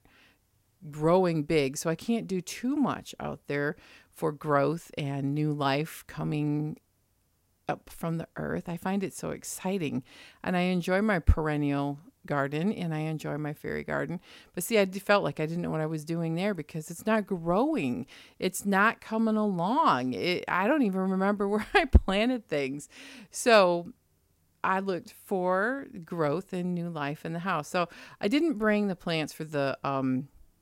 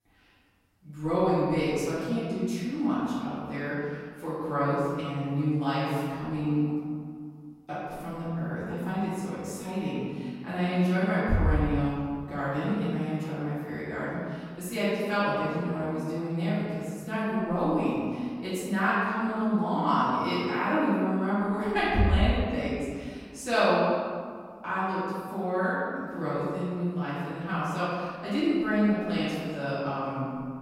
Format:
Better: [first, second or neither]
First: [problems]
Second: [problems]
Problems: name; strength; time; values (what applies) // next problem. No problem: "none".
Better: first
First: none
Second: off-mic speech; far // room echo; strong; dies away in 1.8 s